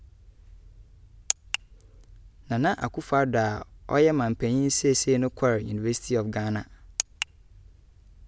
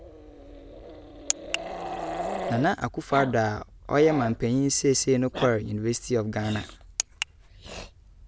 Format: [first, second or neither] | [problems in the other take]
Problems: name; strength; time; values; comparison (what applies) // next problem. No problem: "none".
first | background sound (Growling); 11 dB below the speech